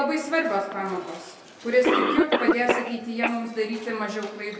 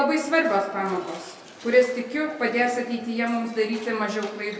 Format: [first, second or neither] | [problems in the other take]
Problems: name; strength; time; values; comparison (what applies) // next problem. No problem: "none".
second | background sound (Cough); 1 dB below the speech